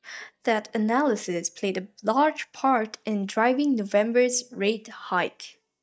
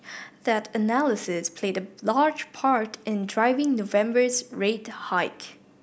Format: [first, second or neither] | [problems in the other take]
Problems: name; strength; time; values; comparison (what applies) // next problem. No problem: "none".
second | noise reduction (neural mask model DeepFilterNet 3)